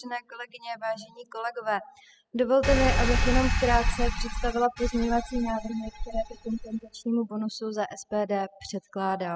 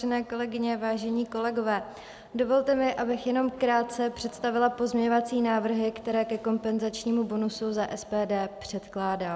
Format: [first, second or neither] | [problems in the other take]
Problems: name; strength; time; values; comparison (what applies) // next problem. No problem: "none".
second | noise reduction (classical method spectral subtraction)